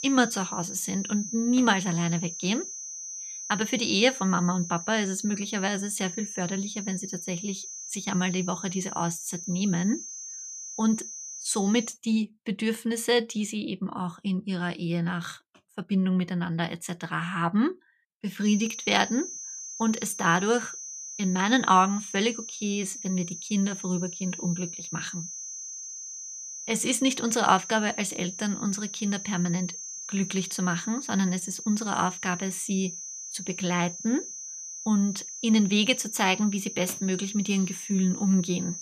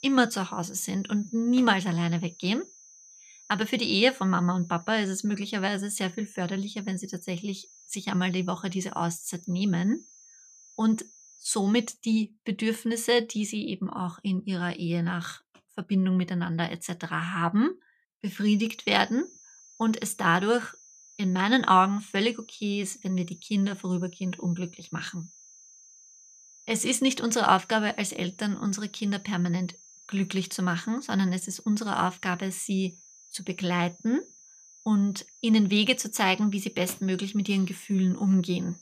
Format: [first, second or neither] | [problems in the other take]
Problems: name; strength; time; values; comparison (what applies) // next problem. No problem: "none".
second | high-pitched whine; loud; until 12 s and from 18 s on; 6 kHz, 8 dB below the speech; faint in the second